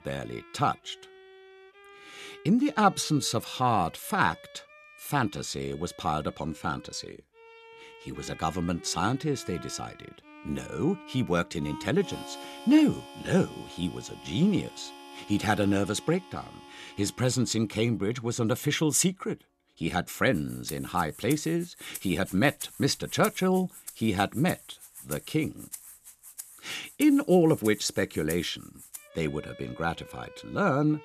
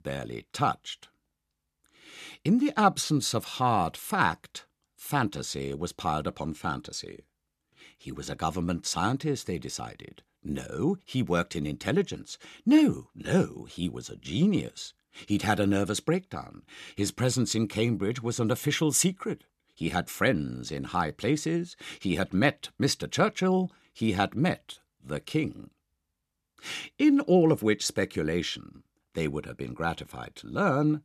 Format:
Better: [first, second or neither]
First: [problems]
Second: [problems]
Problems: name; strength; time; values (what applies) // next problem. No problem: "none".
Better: second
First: background music; noticeable; throughout; 15 dB below the speech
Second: none